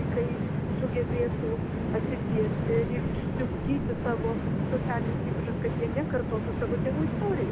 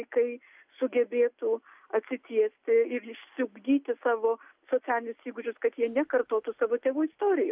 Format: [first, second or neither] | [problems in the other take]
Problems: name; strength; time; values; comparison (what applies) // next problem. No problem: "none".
second | background sound (Train); 4 dB above the speech